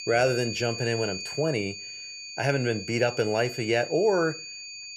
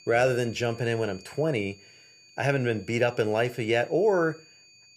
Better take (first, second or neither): second